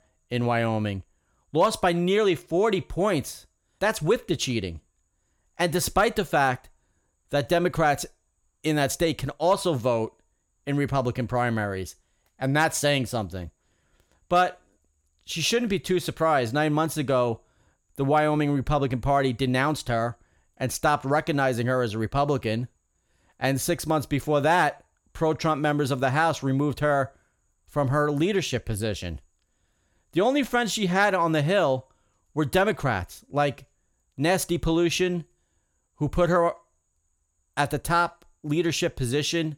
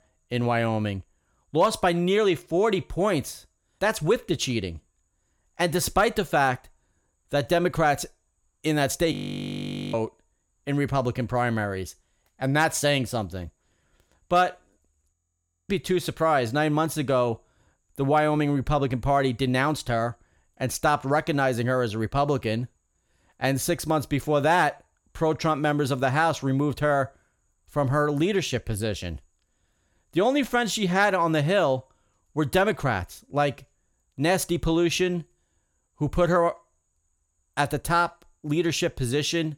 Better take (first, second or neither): first